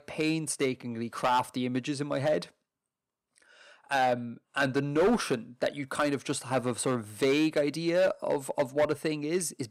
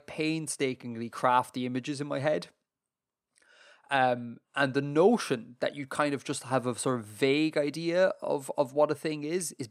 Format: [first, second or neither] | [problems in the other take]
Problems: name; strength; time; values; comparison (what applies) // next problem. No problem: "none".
second | distortion; slight; 4% of the sound clipped